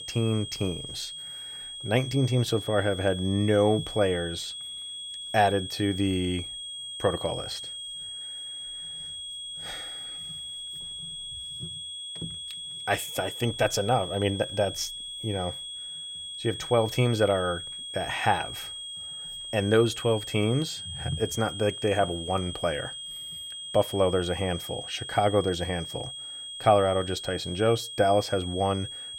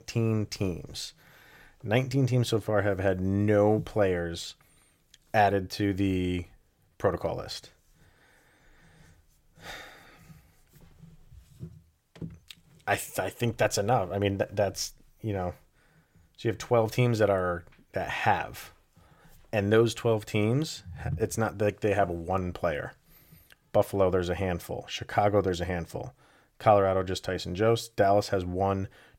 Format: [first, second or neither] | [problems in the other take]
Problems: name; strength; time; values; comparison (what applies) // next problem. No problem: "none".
second | high-pitched whine; loud; throughout; 3.5 kHz, 8 dB below the speech